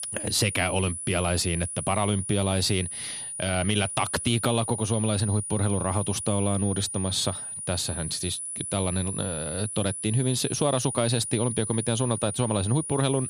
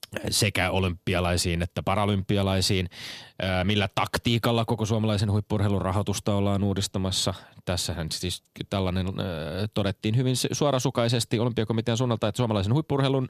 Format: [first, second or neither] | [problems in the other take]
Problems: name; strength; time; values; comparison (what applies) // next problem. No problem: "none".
second | high-pitched whine; loud; throughout; 10 kHz, 5 dB below the speech